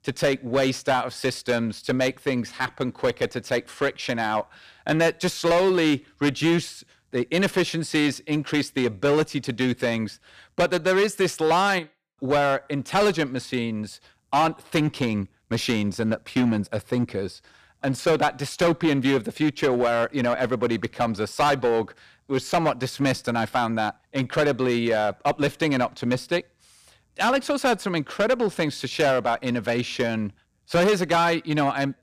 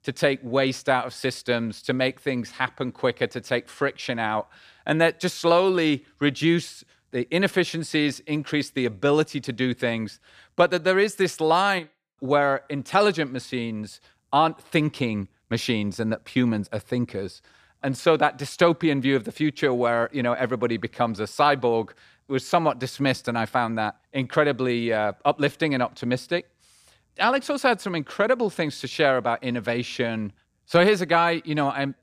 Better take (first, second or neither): second